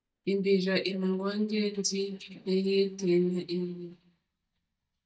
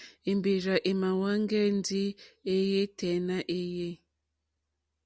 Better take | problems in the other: second | noise reduction (neural mask model DeepFilterNet 3)

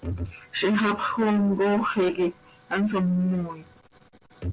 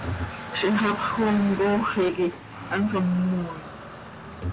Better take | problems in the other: first | background sound (Traffic noise, roadway noise); 11 dB below the speech

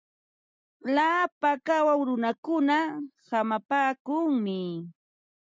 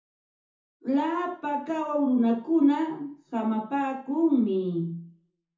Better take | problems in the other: first | room echo; dies away in 0.6 s

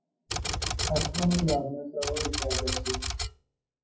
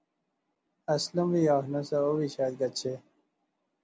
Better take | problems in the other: second | noise reduction (classical method WPE with log-MMSE)

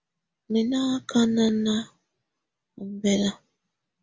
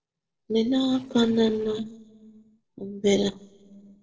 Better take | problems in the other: first | noise reduction (neural separator model SepFormer DNS4)

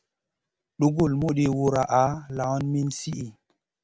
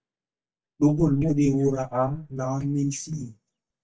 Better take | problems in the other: first | noise reduction (neural mask model DeepFilterNet 3)

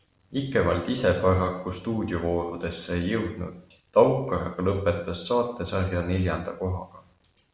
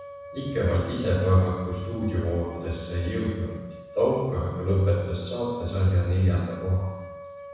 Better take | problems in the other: first | background sound (Wind instrument, woodwind instrument); 17 dB below the speech // room echo; dies away in 1.1 s

